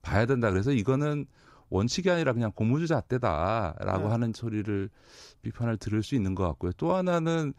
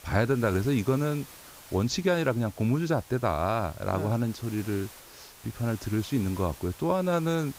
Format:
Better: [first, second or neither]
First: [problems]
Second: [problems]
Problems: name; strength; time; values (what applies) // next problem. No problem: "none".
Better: first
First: none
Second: hiss; noticeable; throughout; 20 dB below the speech